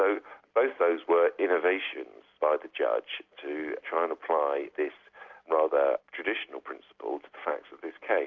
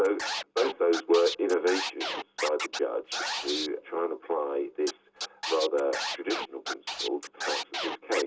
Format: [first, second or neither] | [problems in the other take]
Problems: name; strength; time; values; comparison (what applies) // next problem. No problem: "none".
first | background sound (Scratching (performance technique)); 6 dB below the speech // room echo; dies away in 0.2 s